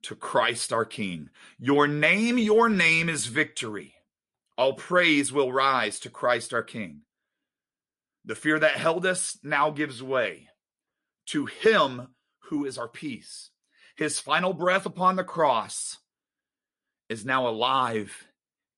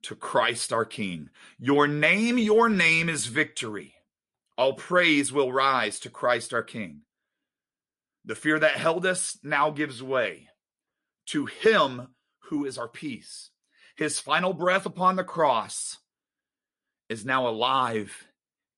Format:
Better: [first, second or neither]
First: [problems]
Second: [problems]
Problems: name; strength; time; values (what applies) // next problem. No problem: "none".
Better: neither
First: garbled, watery; slightly; nothing above 9 kHz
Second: garbled, watery; slightly; nothing above 9 kHz